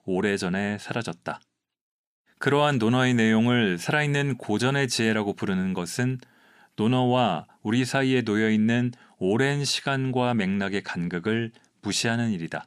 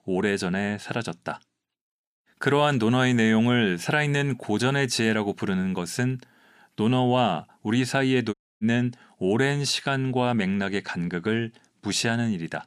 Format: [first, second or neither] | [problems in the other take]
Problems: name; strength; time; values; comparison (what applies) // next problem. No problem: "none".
first | audio cutting out; at 8.5 s